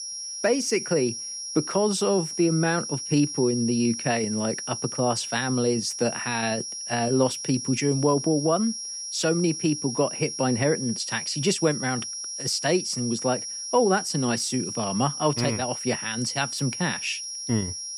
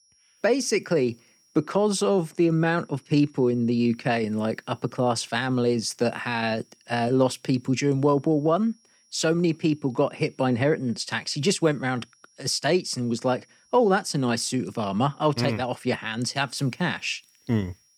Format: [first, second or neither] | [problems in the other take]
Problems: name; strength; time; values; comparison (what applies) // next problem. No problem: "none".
second | high-pitched whine; loud; throughout; 5.5 kHz, 6 dB below the speech; faint in the second